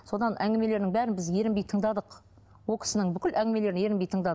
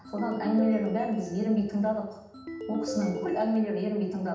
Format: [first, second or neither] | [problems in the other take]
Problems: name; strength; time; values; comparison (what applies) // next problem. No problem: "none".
first | background sound (Ringtone); 9 dB below the speech // room echo; dies away in 0.8 s